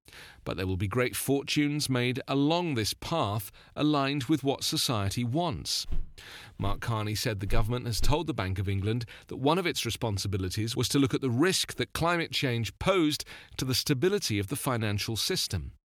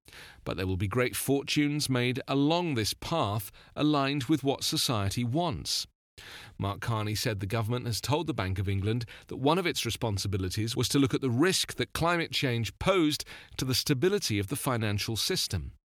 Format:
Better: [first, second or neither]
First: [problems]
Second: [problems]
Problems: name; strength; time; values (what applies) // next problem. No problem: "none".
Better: second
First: footsteps; noticeable; from 6 to 8 s; peak 10 dB below the speech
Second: none